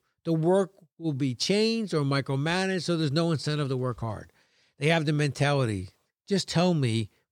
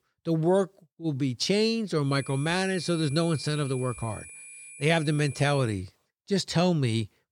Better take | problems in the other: first | high-pitched whine; noticeable; from 2 to 5.5 s; 2.5 kHz, 15 dB below the speech

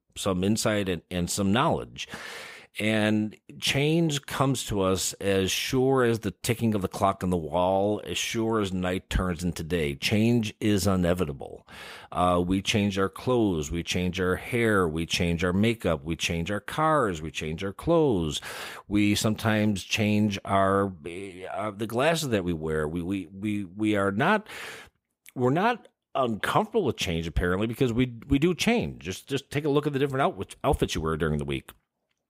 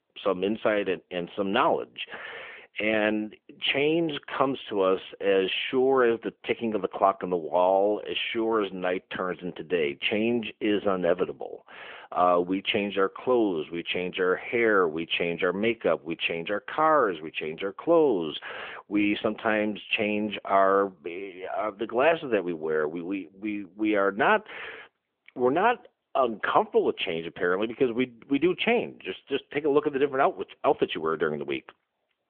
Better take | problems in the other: first | phone-call audio; nothing above 3.5 kHz

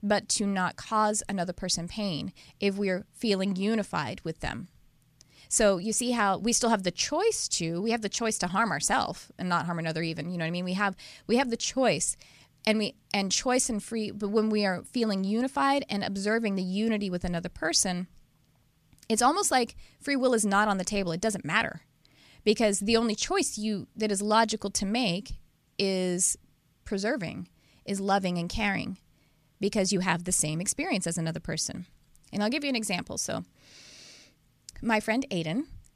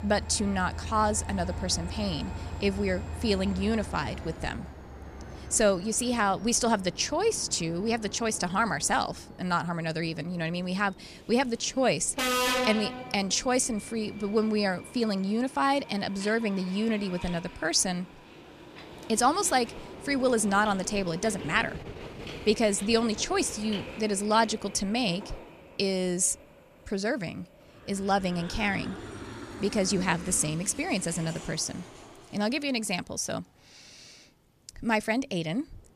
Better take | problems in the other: first | train or aircraft noise; noticeable; throughout; 10 dB below the speech

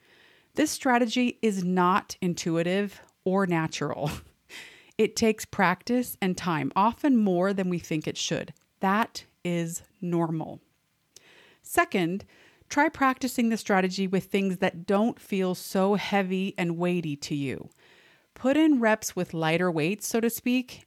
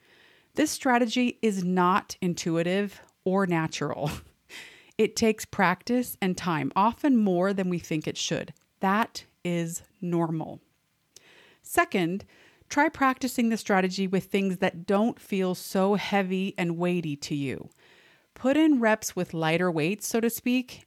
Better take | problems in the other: neither | none

